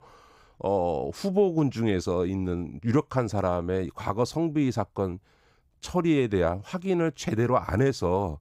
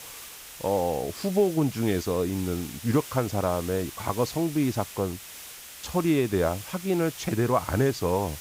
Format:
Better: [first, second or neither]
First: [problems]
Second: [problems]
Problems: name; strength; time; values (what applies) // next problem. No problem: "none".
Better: first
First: none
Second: hiss; noticeable; throughout; 15 dB below the speech